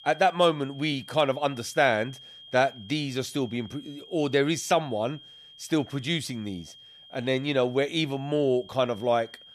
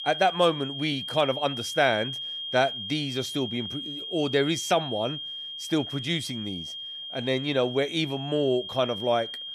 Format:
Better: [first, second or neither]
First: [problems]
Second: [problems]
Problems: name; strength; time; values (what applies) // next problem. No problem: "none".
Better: first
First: high-pitched whine; faint; throughout; 3 kHz, 20 dB below the speech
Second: high-pitched whine; loud; throughout; 3 kHz, 6 dB below the speech